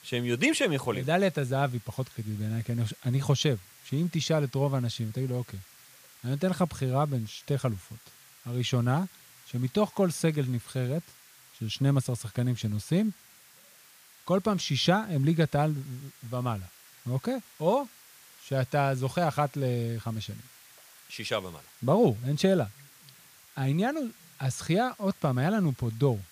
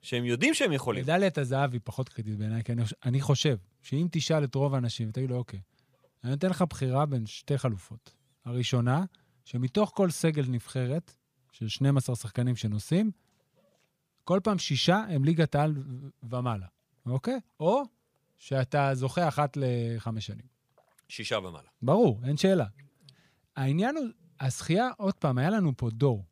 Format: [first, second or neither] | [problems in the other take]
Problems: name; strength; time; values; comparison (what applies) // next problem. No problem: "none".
second | hiss; faint; throughout; 25 dB below the speech